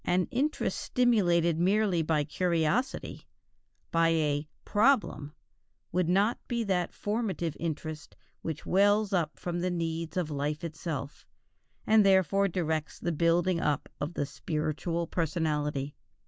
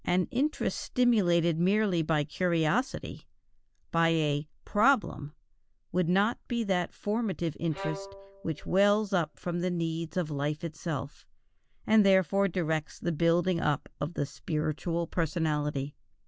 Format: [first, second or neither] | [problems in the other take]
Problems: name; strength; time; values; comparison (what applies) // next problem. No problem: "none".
first | background sound (Bowed string instrument); 15 dB below the speech